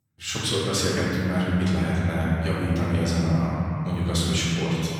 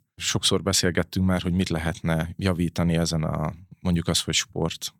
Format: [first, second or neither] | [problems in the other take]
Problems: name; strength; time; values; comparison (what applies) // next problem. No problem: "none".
second | room echo; strong; dies away in 3 s // off-mic speech; far